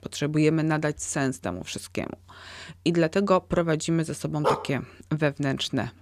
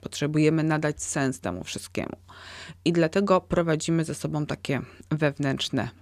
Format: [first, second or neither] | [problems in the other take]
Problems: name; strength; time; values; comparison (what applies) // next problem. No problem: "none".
second | dog barking; noticeable; at 4.5 s; peak 1 dB below the speech